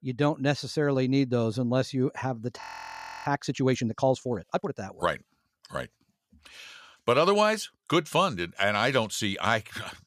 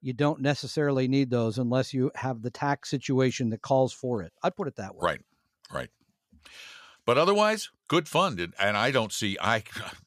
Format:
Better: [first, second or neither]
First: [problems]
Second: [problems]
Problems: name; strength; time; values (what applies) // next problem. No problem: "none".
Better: second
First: audio freezing; at 2.5 s for 0.5 s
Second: none